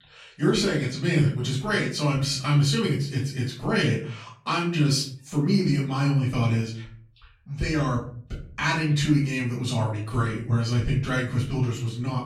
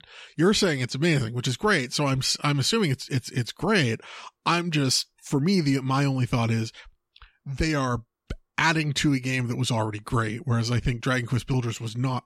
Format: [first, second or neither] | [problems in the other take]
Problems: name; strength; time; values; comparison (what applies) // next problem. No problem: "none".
second | off-mic speech; far // room echo; slight; dies away in 0.5 s